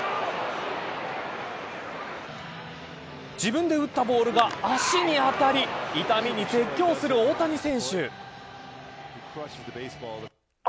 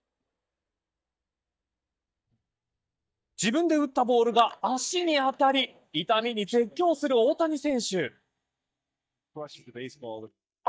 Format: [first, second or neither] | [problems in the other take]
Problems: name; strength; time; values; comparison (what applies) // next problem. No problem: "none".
first | noise reduction (neural mask model DeepFilterNet 3)